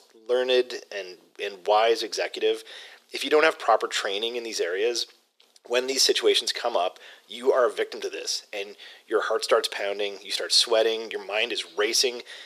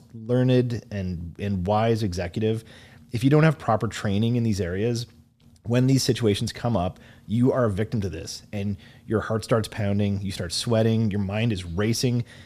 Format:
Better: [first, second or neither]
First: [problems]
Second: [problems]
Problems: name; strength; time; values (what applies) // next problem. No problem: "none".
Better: second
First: thin; very; fading below 400 Hz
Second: none